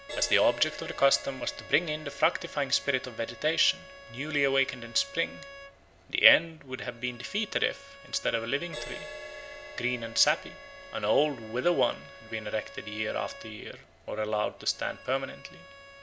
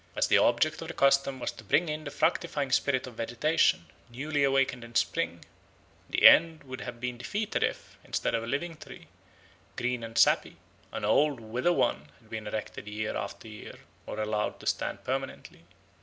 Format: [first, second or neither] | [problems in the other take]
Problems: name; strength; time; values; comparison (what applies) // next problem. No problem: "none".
second | background sound (Bowed string instrument + Crash cymbal); 15 dB below the speech